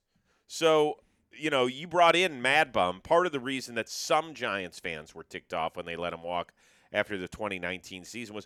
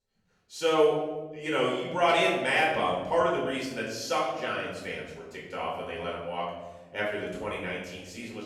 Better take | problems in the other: first | room echo; noticeable; dies away in 1.1 s // off-mic speech; far

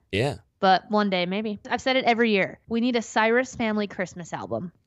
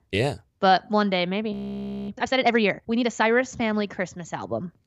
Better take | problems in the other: first | audio freezing; at 1.5 s for 0.5 s

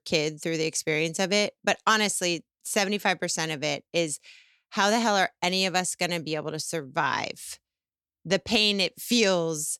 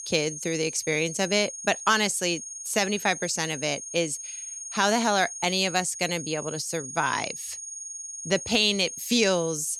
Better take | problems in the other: first | high-pitched whine; loud; throughout; 6.5 kHz, 9 dB below the speech

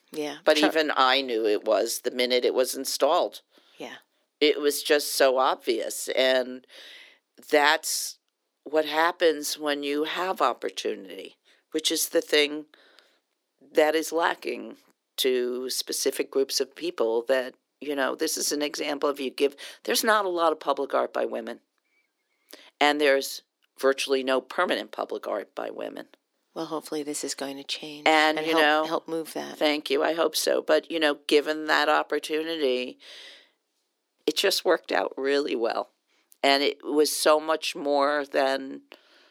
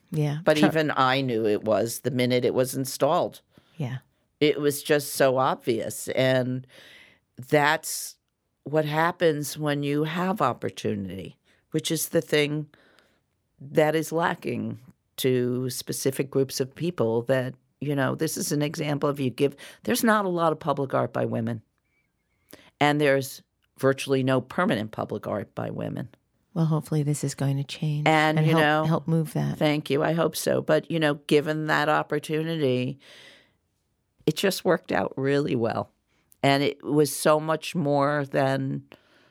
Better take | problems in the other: second | thin; somewhat; fading below 300 Hz

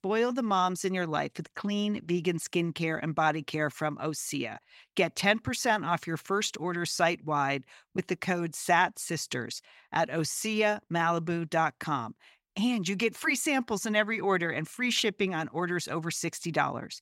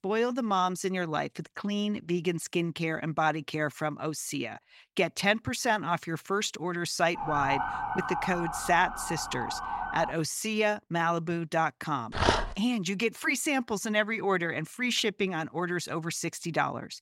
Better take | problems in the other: first | siren; noticeable; from 7 to 10 s; peak 1 dB below the speech // dog barking; loud; at 12 s; peak 3 dB above the speech

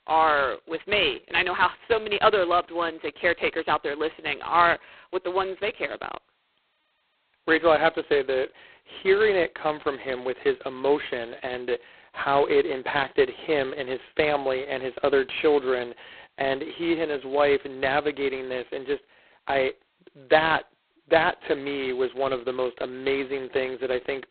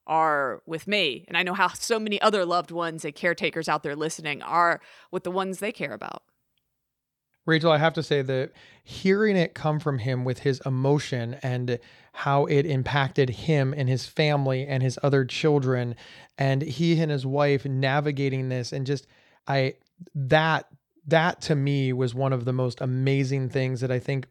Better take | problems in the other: second | phone-call audio; poor line; nothing above 4 kHz

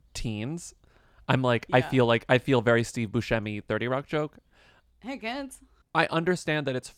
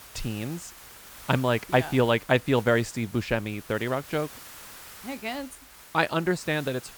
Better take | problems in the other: first | hiss; noticeable; throughout; 20 dB below the speech

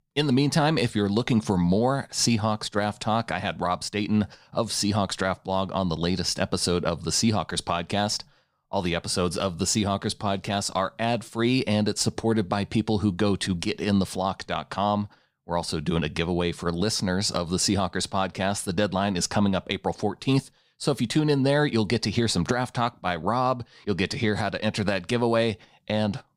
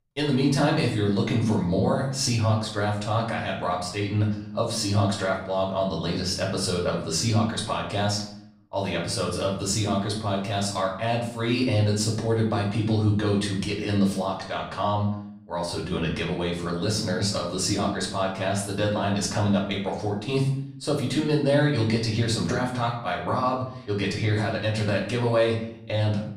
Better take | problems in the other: first | off-mic speech; far // room echo; slight; dies away in 0.6 s

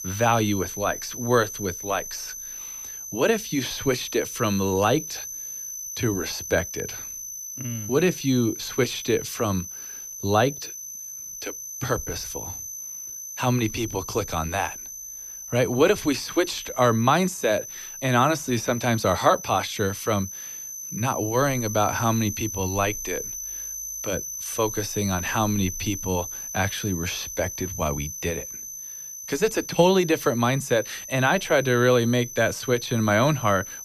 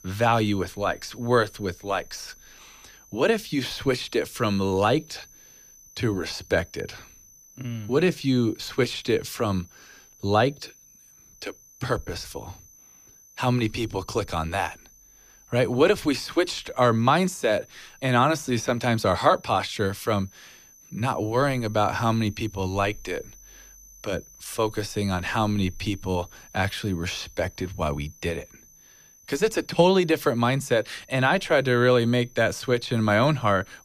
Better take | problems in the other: second | high-pitched whine; loud; throughout; 6 kHz, 9 dB below the speech; faint in the second

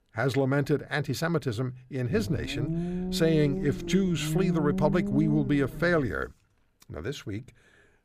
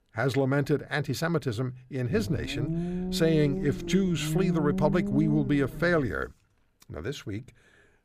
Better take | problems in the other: neither | low rumble; loud; from 2 to 6 s; 9 dB below the speech; the same in both

